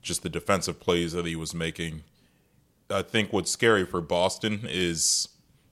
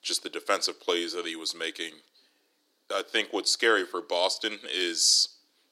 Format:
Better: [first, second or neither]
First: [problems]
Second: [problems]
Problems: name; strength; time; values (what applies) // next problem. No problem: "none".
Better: first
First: none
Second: thin; somewhat; fading below 300 Hz